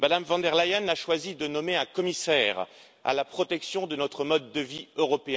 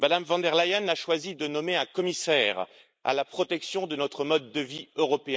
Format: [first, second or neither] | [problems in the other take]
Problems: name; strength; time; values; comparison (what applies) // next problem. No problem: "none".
first | noise reduction (neural mask model Resemble Enhance denoiser)